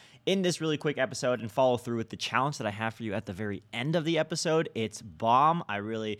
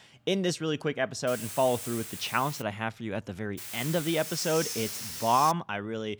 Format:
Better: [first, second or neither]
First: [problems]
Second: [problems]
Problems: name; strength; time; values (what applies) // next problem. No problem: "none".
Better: first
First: none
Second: hiss; loud; from 1.5 to 2.5 s and from 3.5 to 5.5 s; 6 dB below the speech